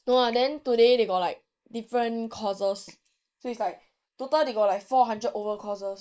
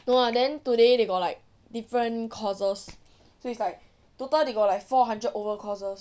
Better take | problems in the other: second | noise reduction (neural mask model Resemble Enhance denoiser)

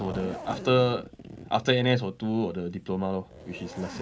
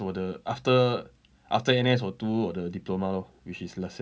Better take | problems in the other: second | background sound (Zipper (clothing)); 14 dB below the speech

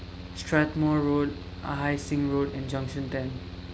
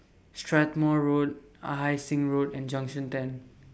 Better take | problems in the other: second | background sound (Mechanical fan); 10 dB below the speech

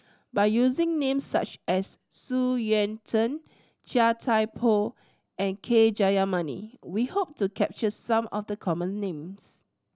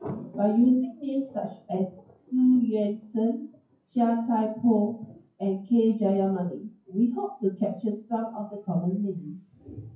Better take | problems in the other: first | noise reduction (classical method WPE with log-MMSE)

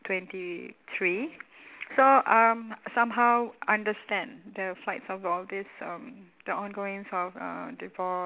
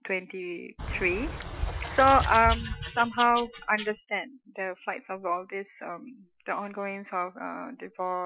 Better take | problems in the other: first | noise reduction (classical method Wiener filter)

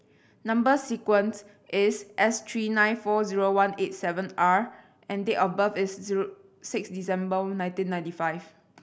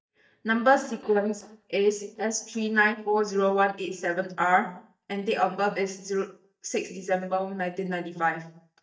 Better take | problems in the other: first | noise reduction (neural mask model DeepFilterNet 3)

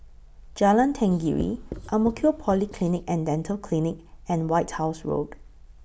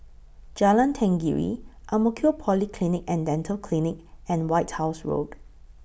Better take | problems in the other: second | background sound (Writing); 15 dB below the speech

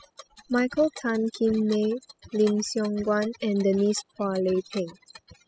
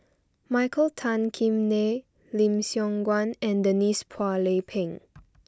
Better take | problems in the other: second | noise reduction (classical method spectral subtraction)

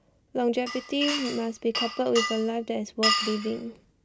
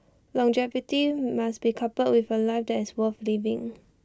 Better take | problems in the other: second | background sound (Glass); 3 dB below the speech

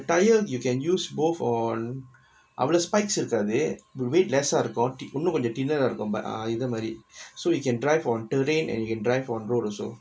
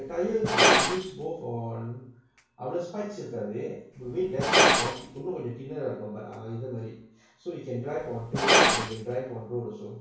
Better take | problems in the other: first | background sound (Glass); 5 dB above the speech // room echo; dies away in 0.6 s

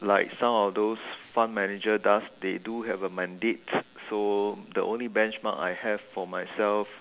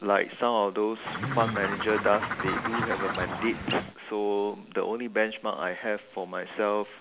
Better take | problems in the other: first | background sound (Bird); 3 dB below the speech

